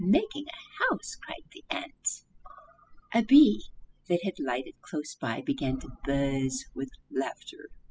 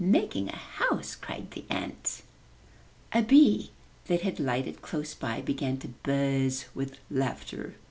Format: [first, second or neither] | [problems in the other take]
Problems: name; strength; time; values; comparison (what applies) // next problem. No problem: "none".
second | noise reduction (classical method spectral subtraction)